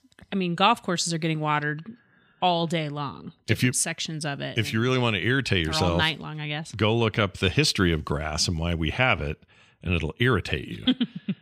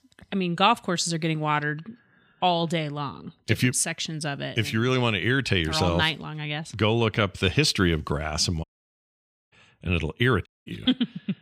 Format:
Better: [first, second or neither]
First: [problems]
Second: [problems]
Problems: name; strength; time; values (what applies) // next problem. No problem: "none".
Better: first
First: none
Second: audio cutting out; at 8.5 s for 1 s and at 10 s